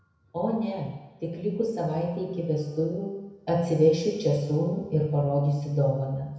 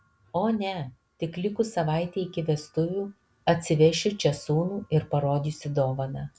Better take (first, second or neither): second